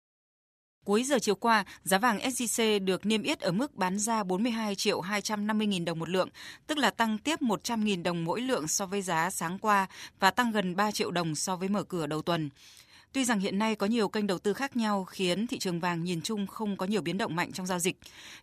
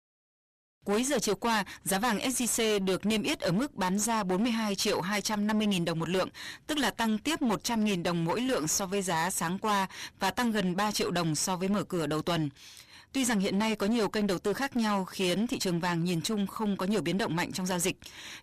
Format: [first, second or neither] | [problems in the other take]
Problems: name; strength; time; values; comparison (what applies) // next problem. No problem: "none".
first | distortion; heavy; 18% of the sound clipped